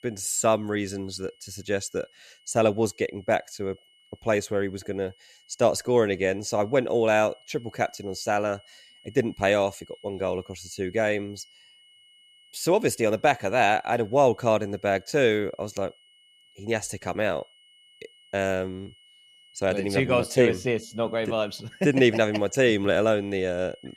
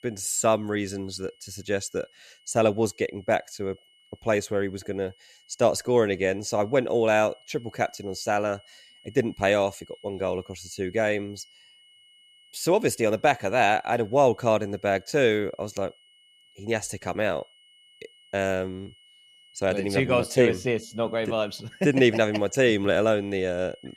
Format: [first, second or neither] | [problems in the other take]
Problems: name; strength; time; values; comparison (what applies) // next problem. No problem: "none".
neither | high-pitched whine; faint; throughout; 3 kHz, 30 dB below the speech; the same in both